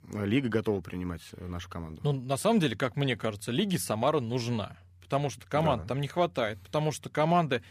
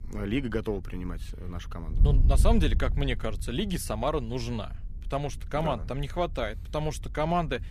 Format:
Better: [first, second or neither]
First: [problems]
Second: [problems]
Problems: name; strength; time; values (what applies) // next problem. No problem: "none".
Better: first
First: none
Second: wind noise on the microphone; occasional gusts; 20 dB below the speech